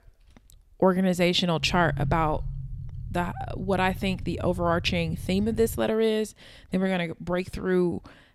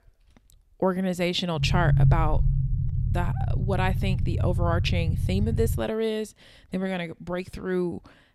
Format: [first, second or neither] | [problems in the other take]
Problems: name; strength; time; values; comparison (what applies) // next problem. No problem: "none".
first | low rumble; loud; from 1.5 to 6 s; 9 dB below the speech; faint in the first